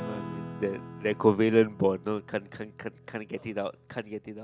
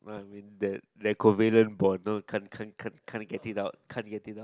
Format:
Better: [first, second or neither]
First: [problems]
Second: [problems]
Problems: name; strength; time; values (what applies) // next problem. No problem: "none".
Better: second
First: background sound (Acoustic guitar / Strum); 14 dB below the speech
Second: none